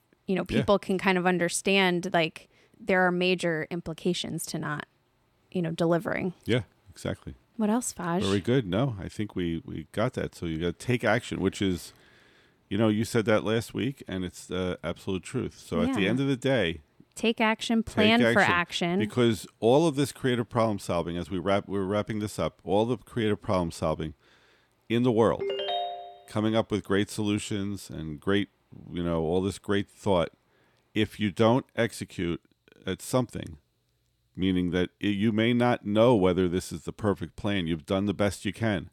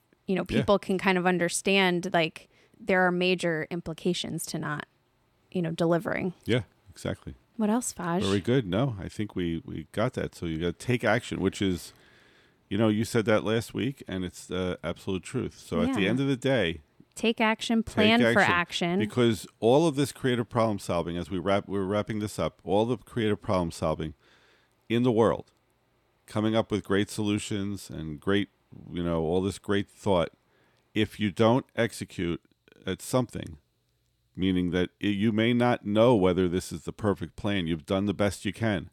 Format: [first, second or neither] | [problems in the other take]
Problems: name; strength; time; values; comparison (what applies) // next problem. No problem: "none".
second | phone ringing; noticeable; at 25 s; peak 2 dB below the speech